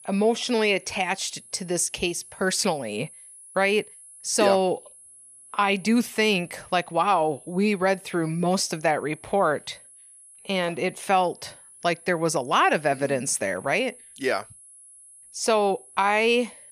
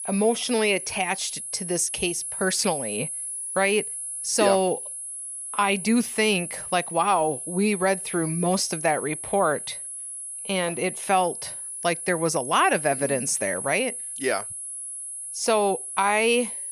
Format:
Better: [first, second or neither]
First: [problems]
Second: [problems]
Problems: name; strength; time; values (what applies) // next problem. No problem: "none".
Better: first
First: high-pitched whine; faint; throughout; 10.5 kHz, 20 dB below the speech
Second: high-pitched whine; loud; throughout; 10.5 kHz, 7 dB below the speech